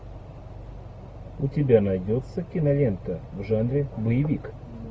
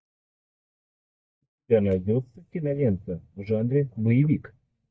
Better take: first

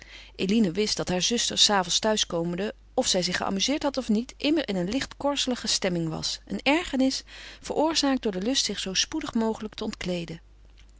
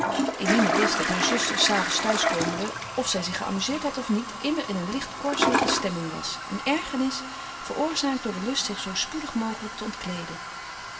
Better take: first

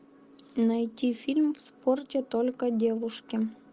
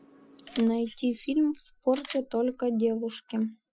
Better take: first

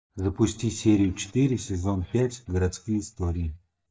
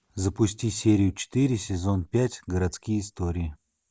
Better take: second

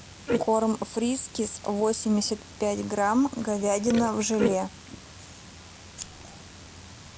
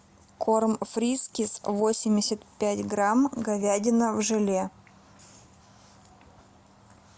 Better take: second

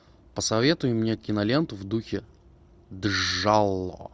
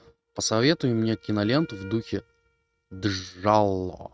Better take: first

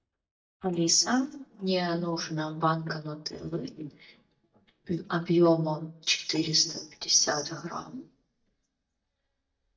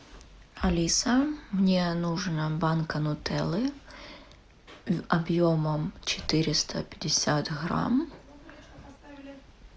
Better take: second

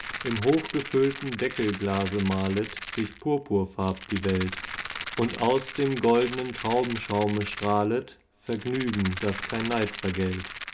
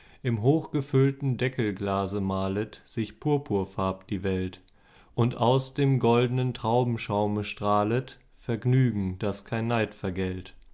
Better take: second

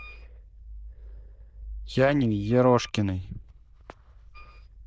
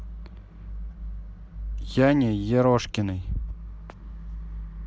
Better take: second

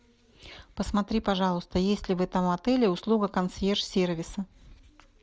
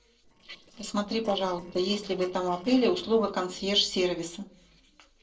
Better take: first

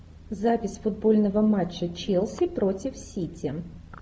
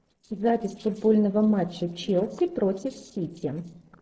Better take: first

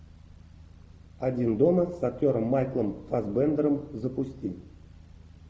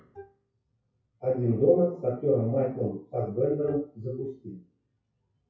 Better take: first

